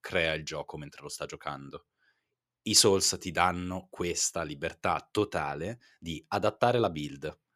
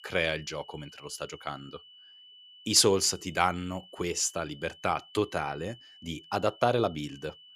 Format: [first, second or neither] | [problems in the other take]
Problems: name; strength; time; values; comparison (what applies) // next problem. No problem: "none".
first | high-pitched whine; faint; throughout; 3 kHz, 20 dB below the speech